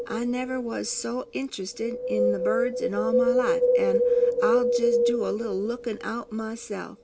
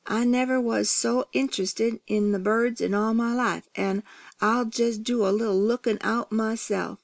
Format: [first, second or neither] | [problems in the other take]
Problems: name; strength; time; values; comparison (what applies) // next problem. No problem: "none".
second | background sound (Wind); 4 dB above the speech